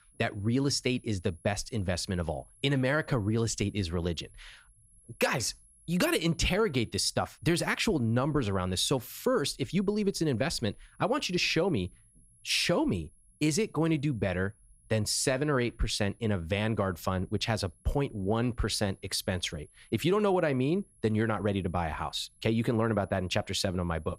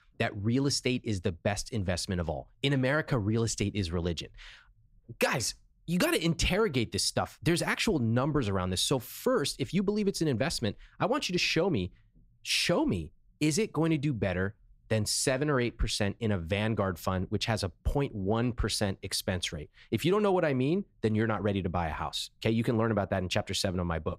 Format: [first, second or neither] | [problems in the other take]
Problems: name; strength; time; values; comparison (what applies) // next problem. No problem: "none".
second | high-pitched whine; faint; throughout; 11 kHz, 30 dB below the speech